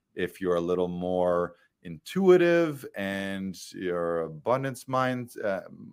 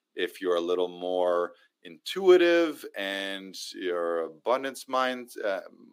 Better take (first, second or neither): first